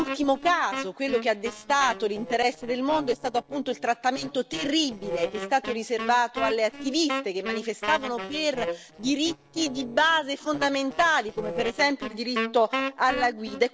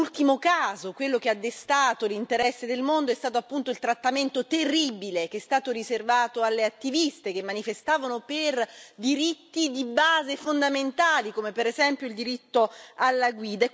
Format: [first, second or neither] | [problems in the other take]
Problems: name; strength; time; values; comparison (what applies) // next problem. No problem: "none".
second | noise reduction (neural separator model SepFormer DNS4)